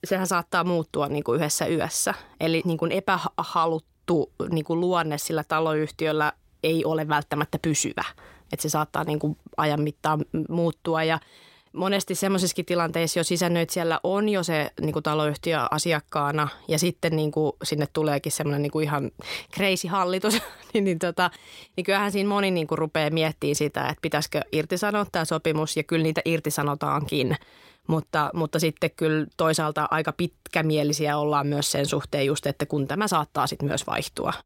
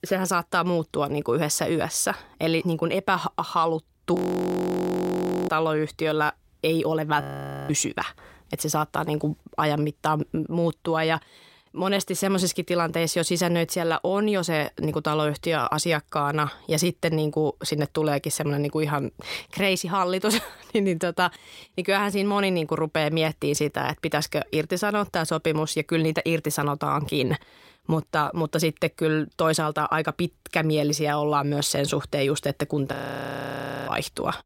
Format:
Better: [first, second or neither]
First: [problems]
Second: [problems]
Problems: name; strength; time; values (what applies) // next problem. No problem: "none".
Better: first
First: none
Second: audio freezing; at 4 s for 1.5 s, at 7 s and at 33 s for 1 s